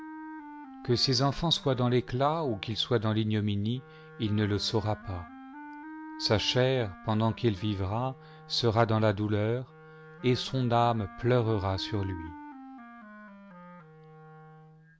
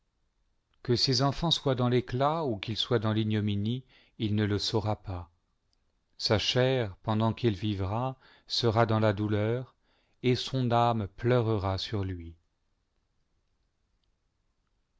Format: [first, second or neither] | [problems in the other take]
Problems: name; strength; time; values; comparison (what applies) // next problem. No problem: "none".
second | background sound (Wind instrument, woodwind instrument); 17 dB below the speech